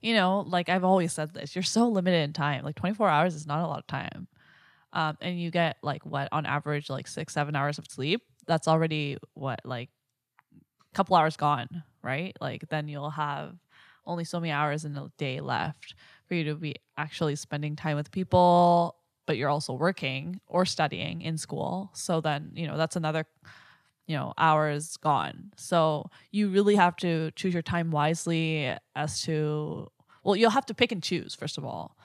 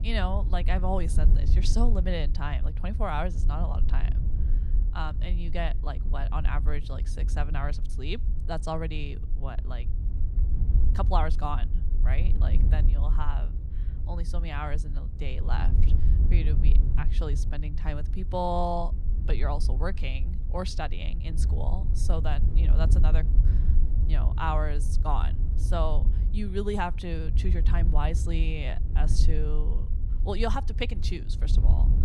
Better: first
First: none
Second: wind noise on the microphone; occasional gusts; 10 dB below the speech

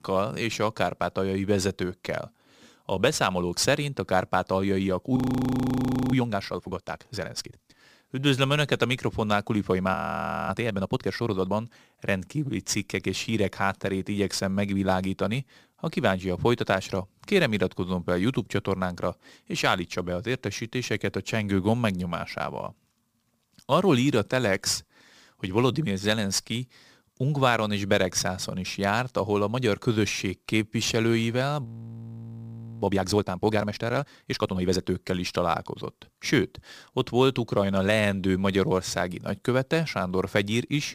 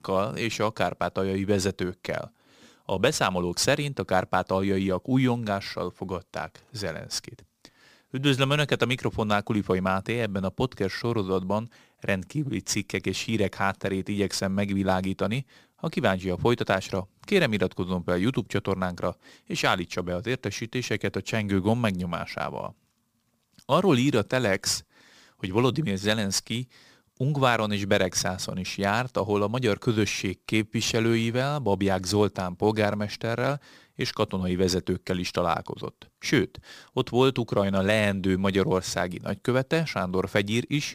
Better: second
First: audio freezing; at 5 s for 1 s, at 10 s for 0.5 s and at 32 s for 1 s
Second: none

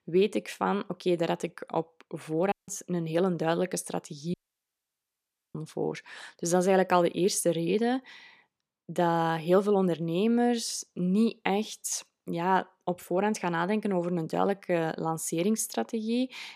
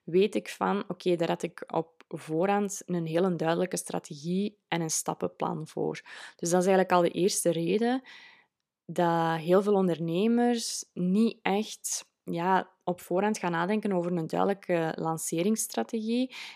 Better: second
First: audio cutting out; at 2.5 s and at 4.5 s for 1 s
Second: none

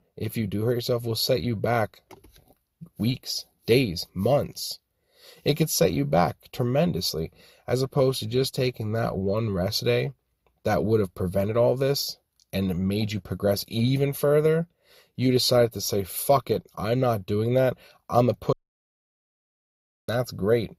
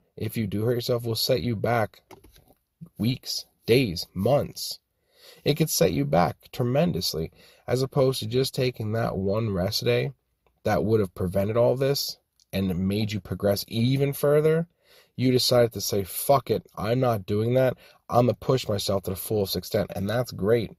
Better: second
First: audio cutting out; at 19 s for 1.5 s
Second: none

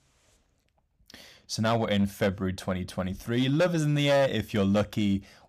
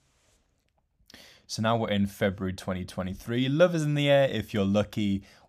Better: second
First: distortion; slight; 6% of the sound clipped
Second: none

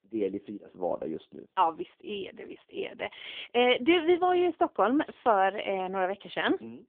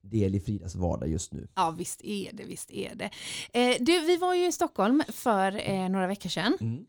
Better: second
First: phone-call audio; poor line; nothing above 3.5 kHz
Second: none

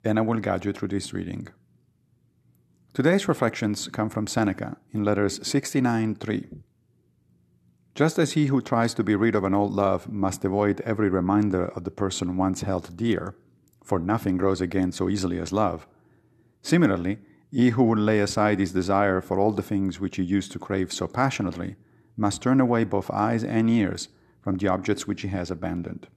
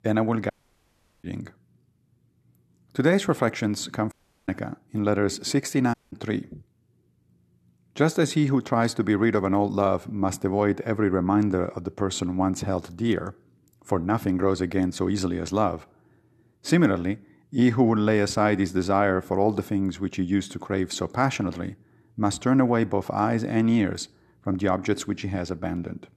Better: first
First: none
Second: audio cutting out; at 0.5 s for 0.5 s, at 4 s and at 6 s

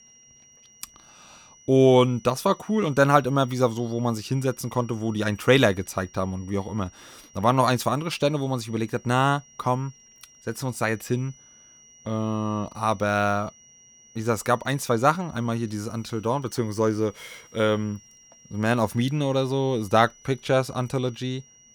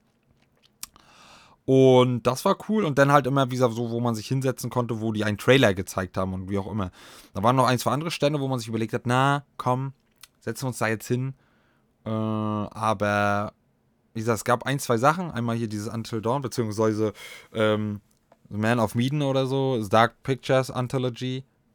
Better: second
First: high-pitched whine; faint; throughout; 5.5 kHz, 25 dB below the speech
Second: none

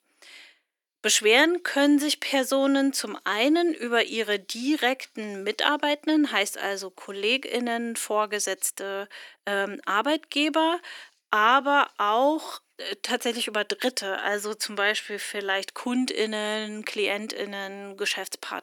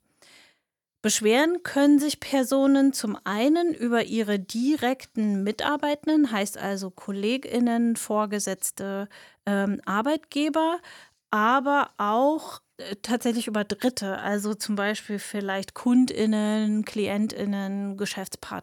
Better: second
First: thin; very slightly; fading below 300 Hz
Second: none

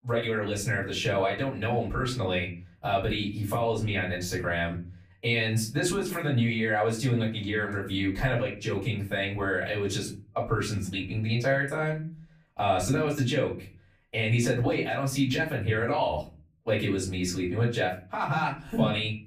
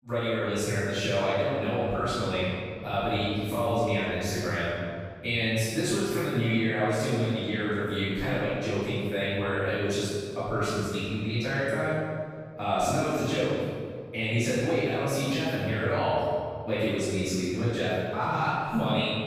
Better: first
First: room echo; slight; dies away in 0.4 s // off-mic speech; far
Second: room echo; strong; dies away in 1.9 s // off-mic speech; far

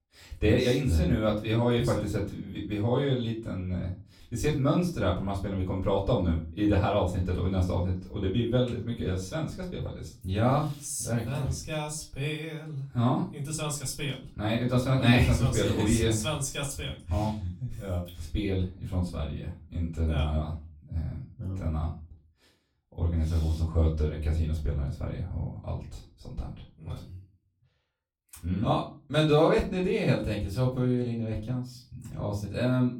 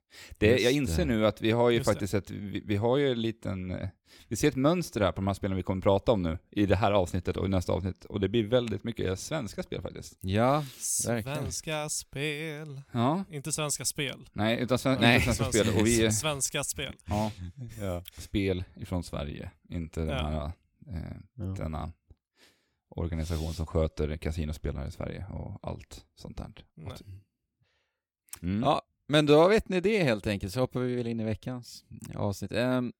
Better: second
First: room echo; slight; dies away in 0.3 s // off-mic speech; far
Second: none

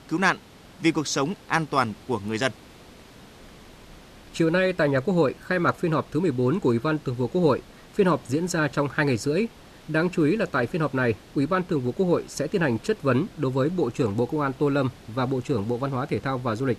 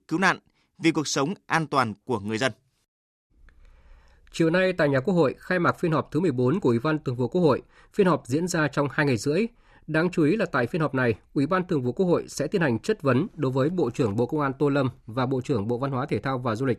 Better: second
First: hiss; faint; throughout; 25 dB below the speech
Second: none

